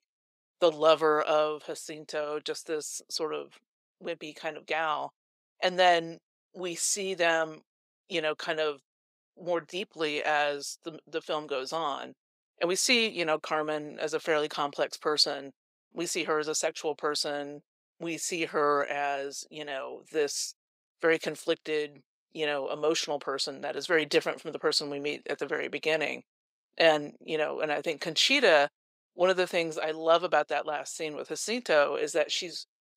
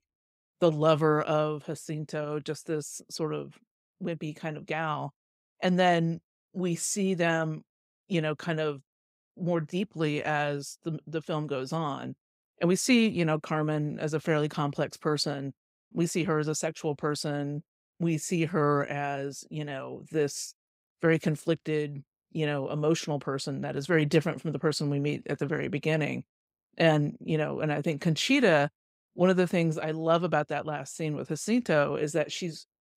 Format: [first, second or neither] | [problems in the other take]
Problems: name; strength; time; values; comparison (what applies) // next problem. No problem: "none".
second | thin; very; fading below 550 Hz